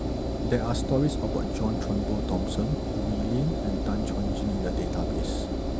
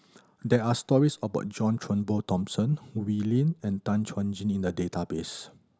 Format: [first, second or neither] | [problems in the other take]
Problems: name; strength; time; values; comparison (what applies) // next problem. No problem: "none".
second | background sound (Engine); 2 dB above the speech